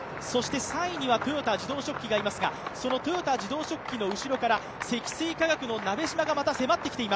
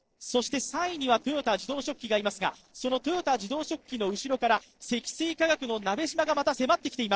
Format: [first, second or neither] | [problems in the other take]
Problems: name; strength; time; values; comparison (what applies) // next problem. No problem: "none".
first | noise reduction (neural separator model SepFormer DNS4)